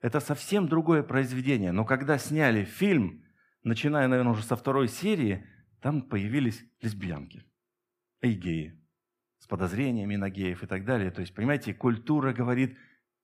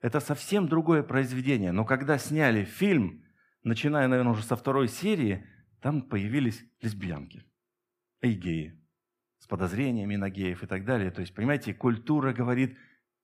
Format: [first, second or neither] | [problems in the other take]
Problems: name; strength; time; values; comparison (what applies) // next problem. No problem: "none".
neither | none